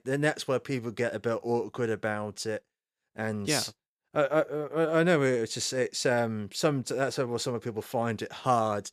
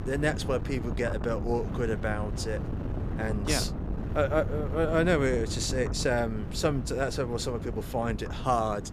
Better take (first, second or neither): first